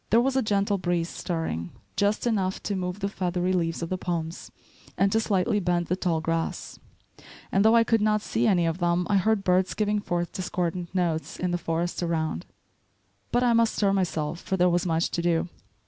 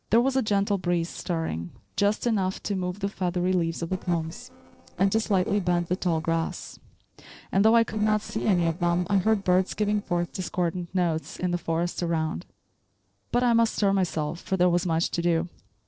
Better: first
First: none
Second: noise reduction (neural separator model SepFormer DNS4)

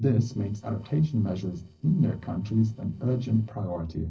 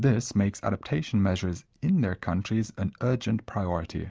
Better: second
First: noise reduction (neural separator model SepFormer DNS4)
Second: none

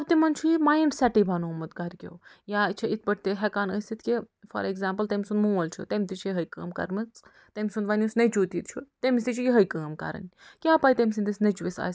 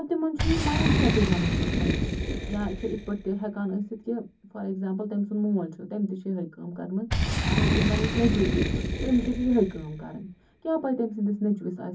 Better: first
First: none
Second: background sound (Boom); as loud as the speech // room echo; dies away in 0.3 s

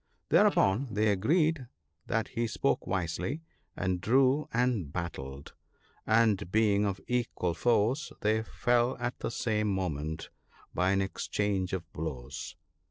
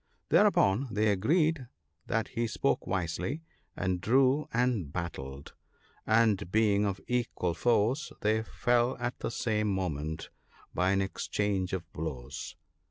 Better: second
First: noise reduction (neural separator model SepFormer DNS4)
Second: none

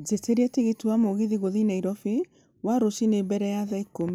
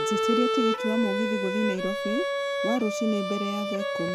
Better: first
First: none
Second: background sound (Bowed string instrument); 1 dB above the speech

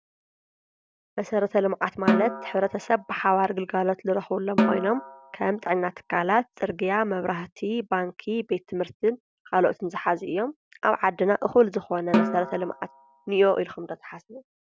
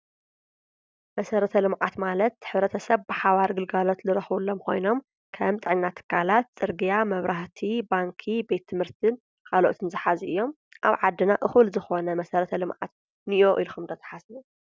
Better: second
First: background sound (Snare drum); 5 dB below the speech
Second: none

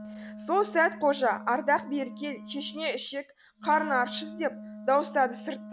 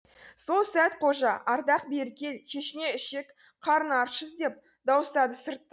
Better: second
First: background sound (Wind instrument, woodwind instrument); 13 dB below the speech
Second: none

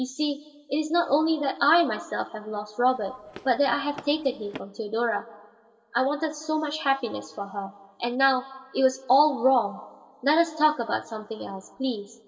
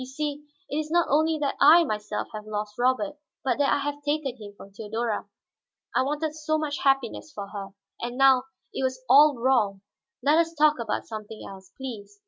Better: second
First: noise reduction (neural separator model SepFormer DNS4)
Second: none

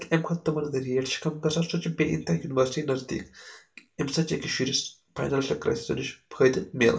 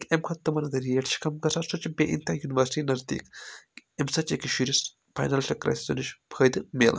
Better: second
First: room echo; dies away in 0.3 s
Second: none

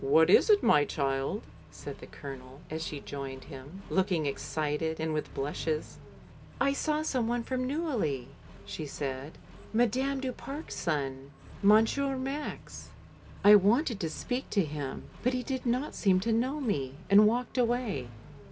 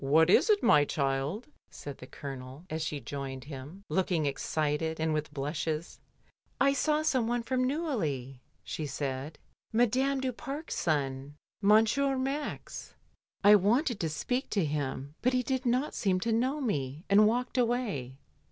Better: second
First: background sound (Accelerating, revving, vroom); 18 dB below the speech // room echo; dies away in 0.3 s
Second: none

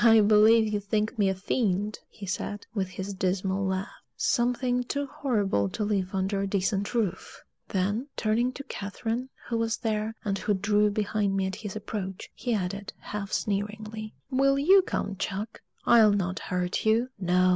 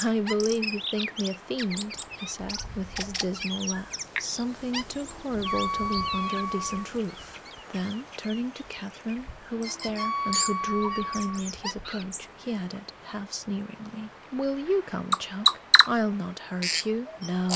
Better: first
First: none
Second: background sound (Bird vocalization, bird call, bird song + Wind instrument, woodwind instrument); as loud as the speech

